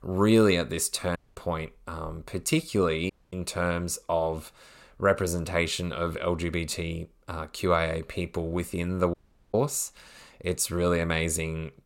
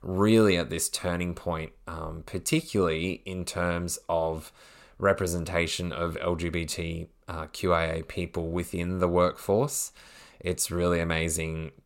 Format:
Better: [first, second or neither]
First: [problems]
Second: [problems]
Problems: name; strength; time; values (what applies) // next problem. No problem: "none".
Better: second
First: audio cutting out; at 1 s, at 3 s and at 9 s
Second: none